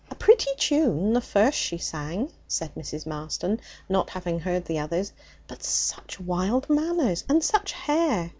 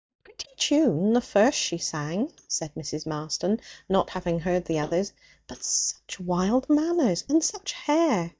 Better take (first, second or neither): first